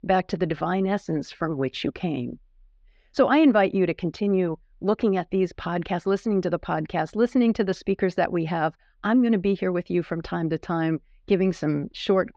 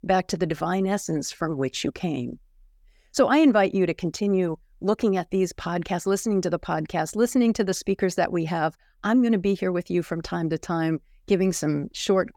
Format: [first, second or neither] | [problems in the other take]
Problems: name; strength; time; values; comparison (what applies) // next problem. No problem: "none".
second | muffled; slightly; fading above 4 kHz